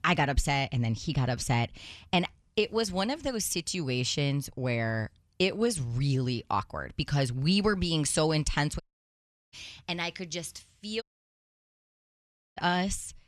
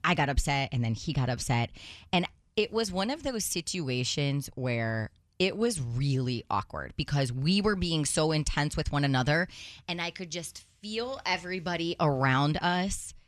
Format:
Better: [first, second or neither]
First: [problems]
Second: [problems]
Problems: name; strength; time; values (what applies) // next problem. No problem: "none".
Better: second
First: audio cutting out; at 9 s for 0.5 s and at 11 s for 1.5 s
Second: none